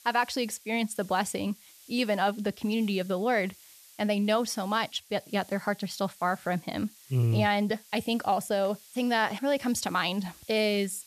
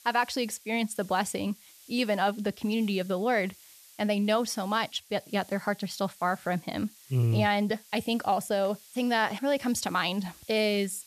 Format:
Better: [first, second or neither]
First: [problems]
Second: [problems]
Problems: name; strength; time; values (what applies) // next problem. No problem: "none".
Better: neither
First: hiss; faint; throughout; 20 dB below the speech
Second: hiss; faint; throughout; 20 dB below the speech